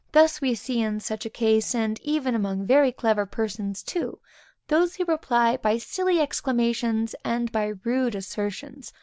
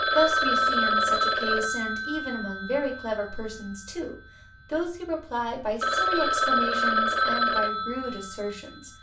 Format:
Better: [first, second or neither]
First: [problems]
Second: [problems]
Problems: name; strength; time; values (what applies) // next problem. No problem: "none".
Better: first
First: none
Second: background sound (Telephone); 4 dB above the speech // room echo; dies away in 0.3 s